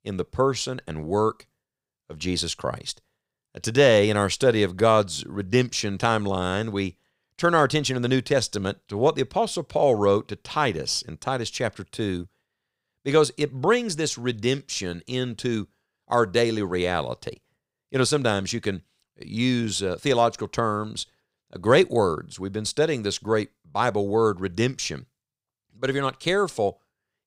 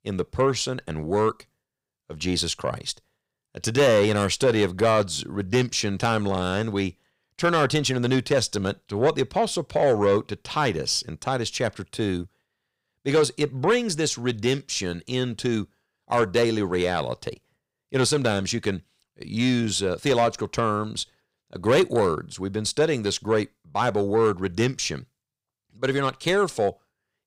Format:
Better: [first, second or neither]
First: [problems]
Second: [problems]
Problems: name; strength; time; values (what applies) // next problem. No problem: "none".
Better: first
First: none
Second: distortion; slight; 10 dB below the speech